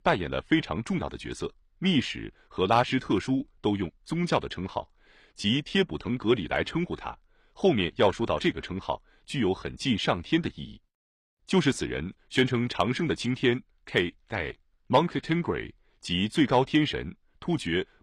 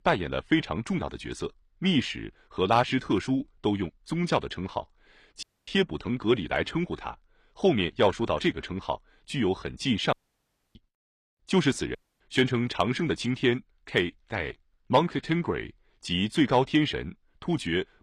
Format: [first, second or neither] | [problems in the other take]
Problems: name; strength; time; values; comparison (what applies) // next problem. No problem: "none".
first | audio cutting out; at 5.5 s, at 10 s for 0.5 s and at 12 s